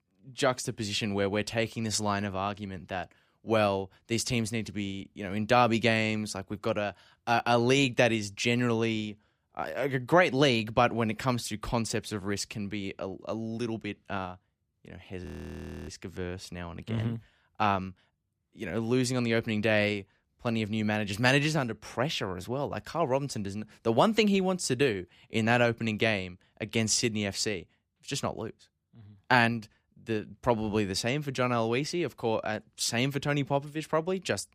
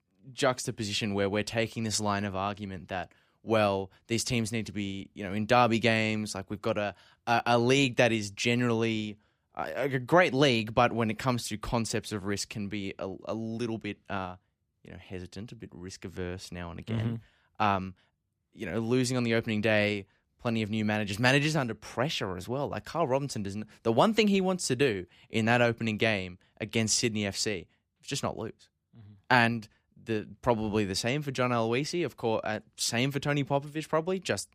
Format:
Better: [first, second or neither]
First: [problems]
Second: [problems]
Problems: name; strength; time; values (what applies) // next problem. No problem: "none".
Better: second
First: audio freezing; at 15 s for 0.5 s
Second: none